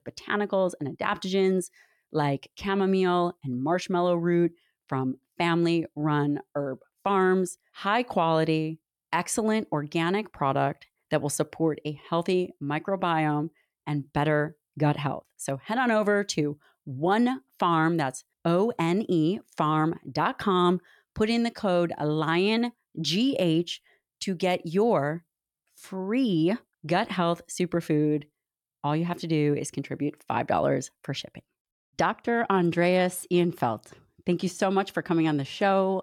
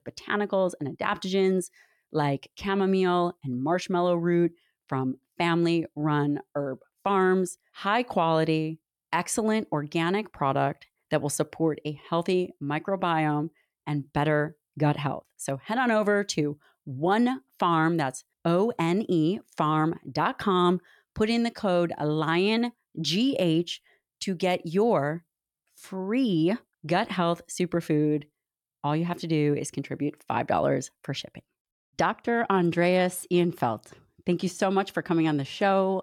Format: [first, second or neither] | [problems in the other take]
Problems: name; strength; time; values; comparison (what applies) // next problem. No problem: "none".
neither | none